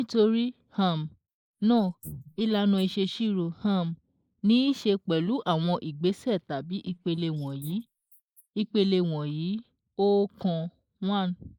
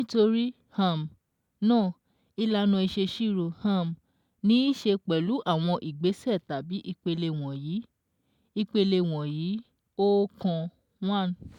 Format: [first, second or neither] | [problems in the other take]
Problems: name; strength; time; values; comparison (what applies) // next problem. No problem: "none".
second | noise reduction (neural mask model Resemble Enhance denoiser)